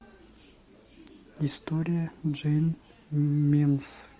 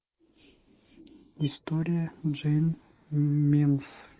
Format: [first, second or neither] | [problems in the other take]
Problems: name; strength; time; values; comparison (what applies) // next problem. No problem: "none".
first | noise reduction (neural mask model Resemble Enhance denoiser)